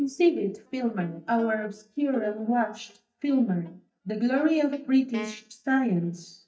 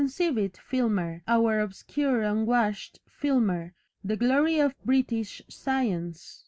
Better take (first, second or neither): second